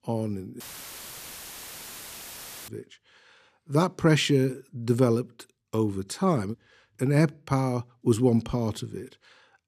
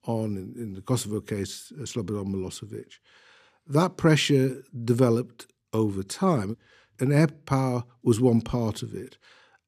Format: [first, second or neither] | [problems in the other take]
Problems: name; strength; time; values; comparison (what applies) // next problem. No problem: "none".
second | audio cutting out; filled with static; at 0.5 s for 2 s